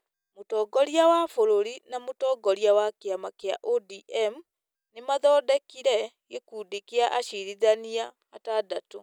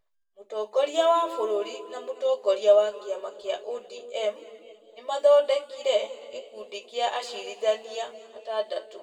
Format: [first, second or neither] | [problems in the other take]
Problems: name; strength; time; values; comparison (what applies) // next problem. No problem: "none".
first | room echo; dies away in 2.1 s